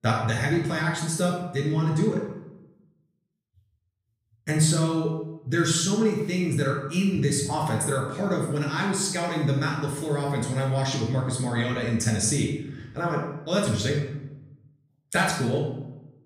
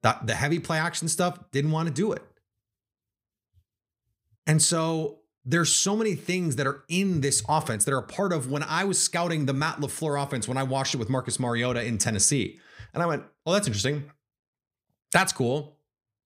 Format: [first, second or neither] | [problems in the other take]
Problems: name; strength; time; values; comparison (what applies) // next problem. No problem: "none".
second | off-mic speech; far // room echo; noticeable; dies away in 0.8 s